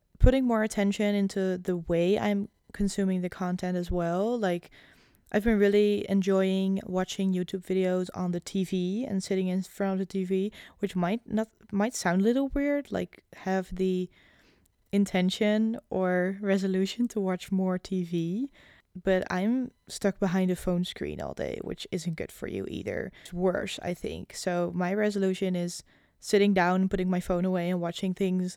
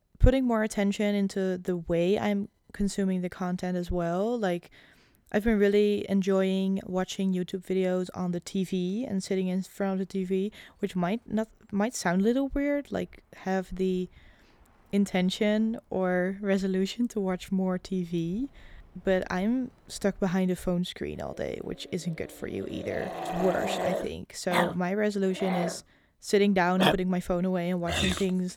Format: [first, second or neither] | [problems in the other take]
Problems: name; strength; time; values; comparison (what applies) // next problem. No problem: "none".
first | animal sounds; loud; throughout; 3 dB below the speech